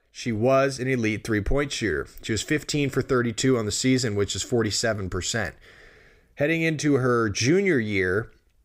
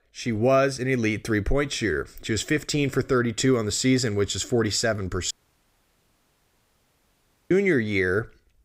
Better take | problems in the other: first | audio cutting out; at 5.5 s for 2 s

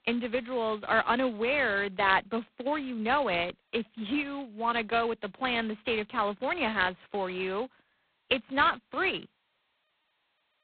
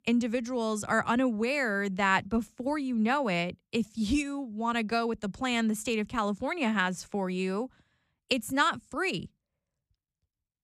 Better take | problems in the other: second | phone-call audio; poor line; nothing above 4 kHz

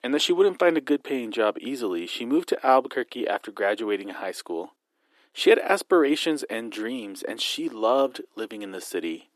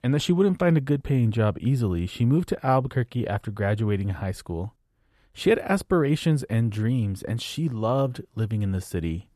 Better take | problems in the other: second | thin; somewhat; fading below 300 Hz

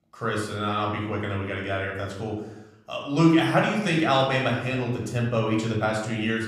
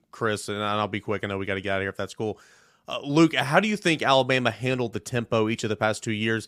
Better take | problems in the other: second | off-mic speech; somewhat distant // room echo; noticeable; dies away in 0.8 s

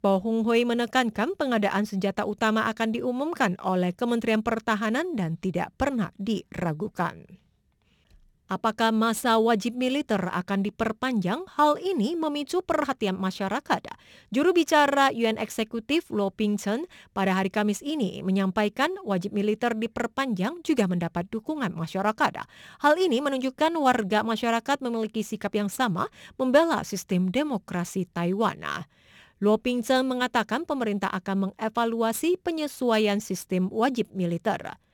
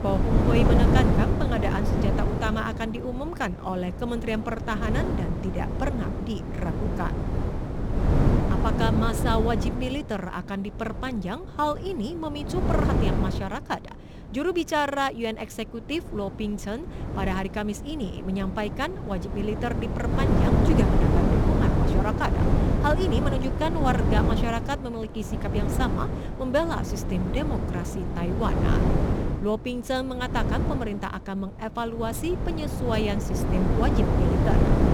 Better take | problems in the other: first | wind noise on the microphone; heavy; 2 dB below the speech

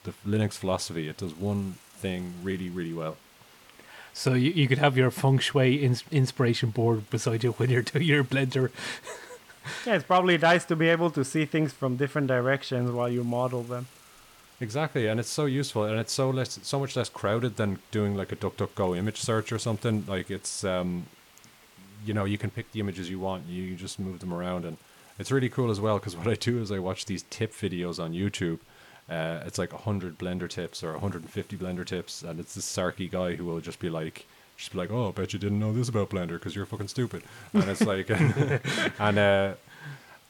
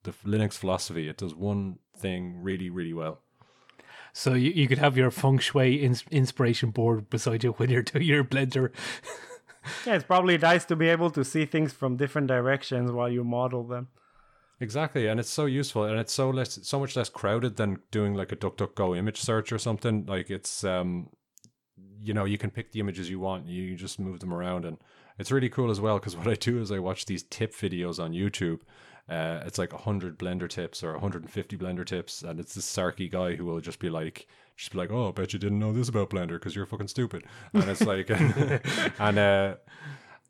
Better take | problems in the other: second | hiss; faint; throughout; 25 dB below the speech

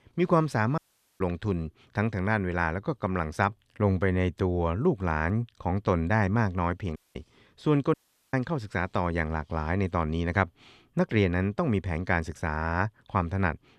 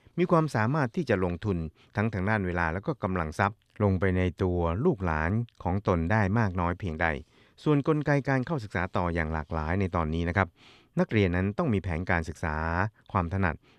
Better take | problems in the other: second | audio cutting out; at 1 s, at 7 s and at 8 s

